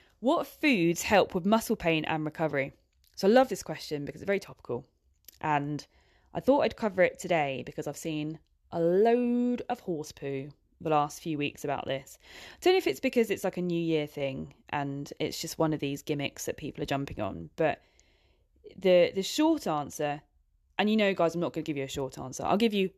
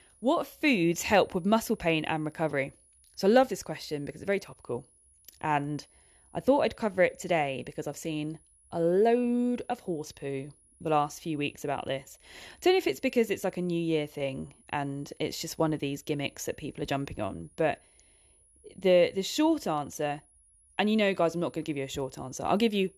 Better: first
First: none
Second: high-pitched whine; faint; throughout; 10.5 kHz, 30 dB below the speech

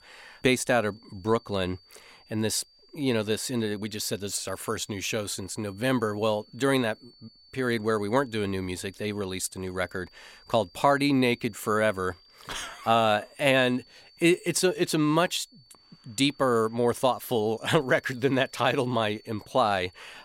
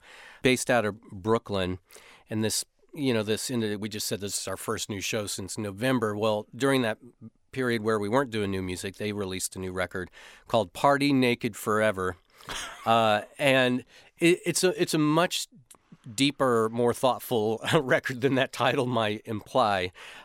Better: second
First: high-pitched whine; faint; throughout; 4.5 kHz, 30 dB below the speech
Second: none

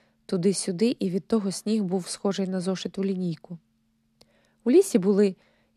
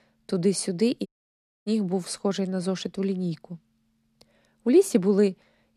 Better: first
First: none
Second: audio cutting out; at 1 s for 0.5 s

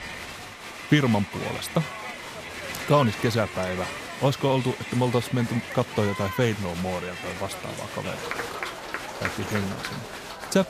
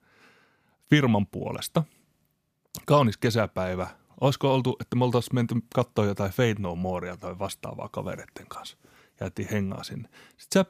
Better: second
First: crowd noise; loud; throughout; 8 dB below the speech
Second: none

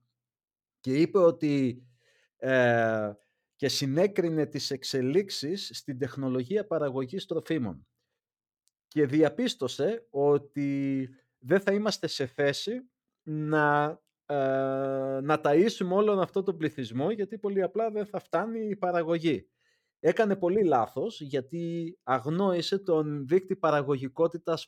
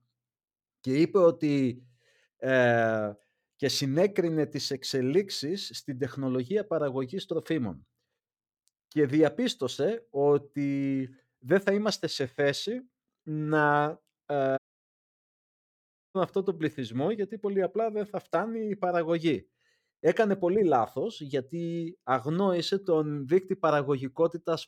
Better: first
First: none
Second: audio cutting out; at 15 s for 1.5 s

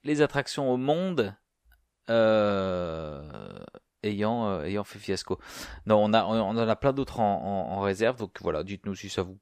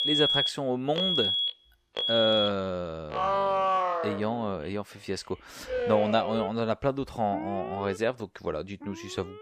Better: first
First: none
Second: alarms or sirens; very loud; throughout; 2 dB above the speech

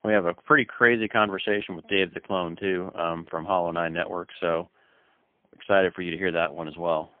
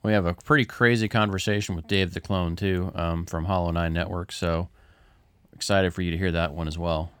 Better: second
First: phone-call audio; poor line; nothing above 3.5 kHz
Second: none

